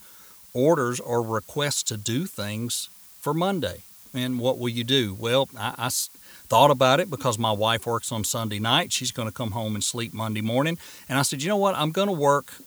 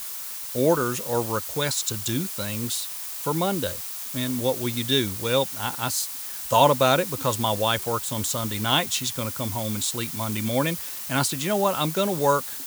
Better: first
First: hiss; faint; throughout; 20 dB below the speech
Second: hiss; loud; throughout; 6 dB below the speech

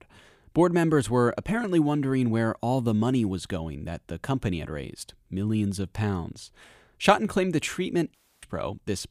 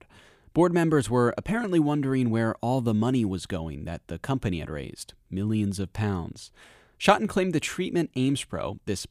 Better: second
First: audio cutting out; at 8 s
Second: none

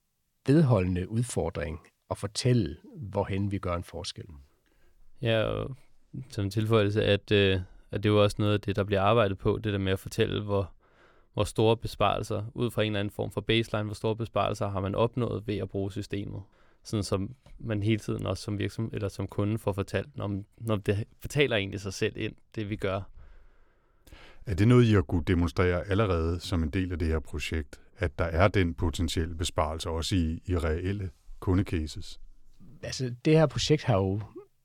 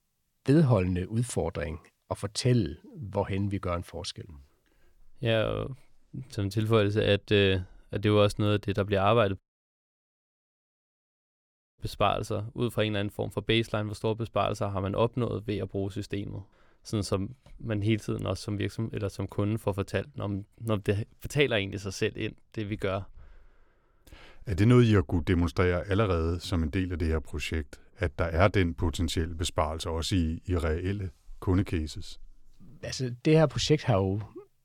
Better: first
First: none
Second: audio cutting out; at 9.5 s for 2.5 s

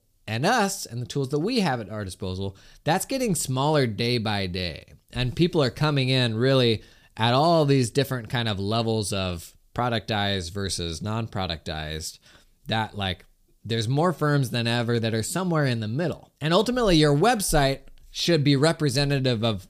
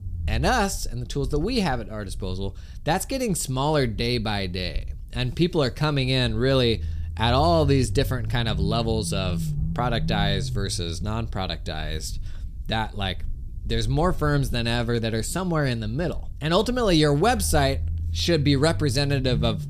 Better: first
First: none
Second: low rumble; noticeable; throughout; 20 dB below the speech

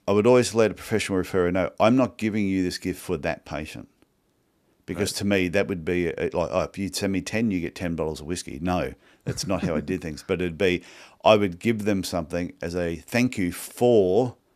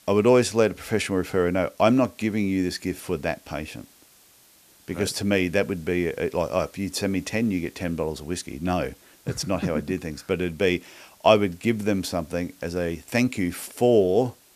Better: first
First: none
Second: hiss; faint; throughout; 30 dB below the speech

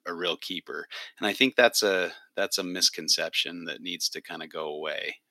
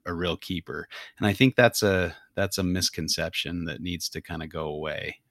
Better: second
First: thin; somewhat; fading below 300 Hz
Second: none

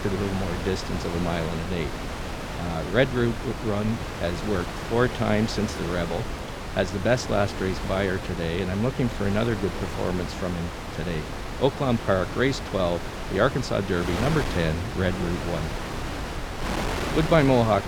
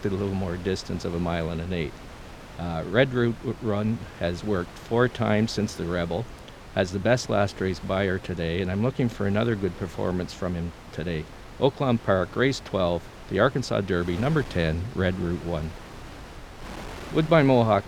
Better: second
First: wind noise on the microphone; heavy; 6 dB below the speech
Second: wind noise on the microphone; occasional gusts; 15 dB below the speech

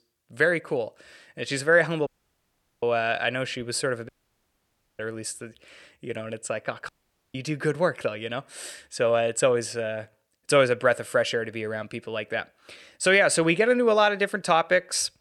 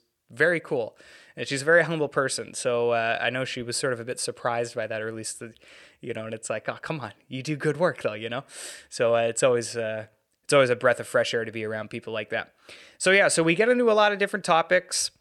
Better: second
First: audio cutting out; at 2 s for 1 s, at 4 s for 1 s and at 7 s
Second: none

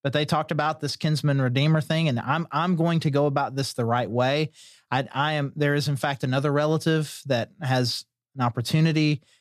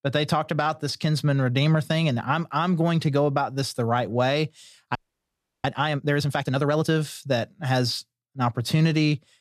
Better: first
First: none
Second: audio freezing; at 5 s for 0.5 s

